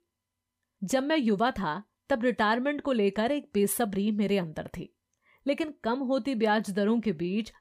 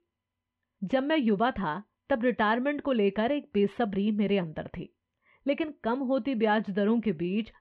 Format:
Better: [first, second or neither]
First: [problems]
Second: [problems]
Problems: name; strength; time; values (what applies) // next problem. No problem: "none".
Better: first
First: none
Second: muffled; slightly; fading above 3 kHz